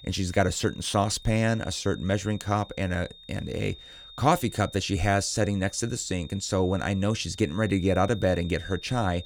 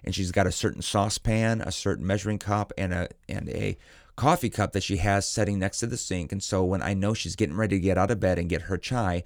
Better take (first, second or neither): second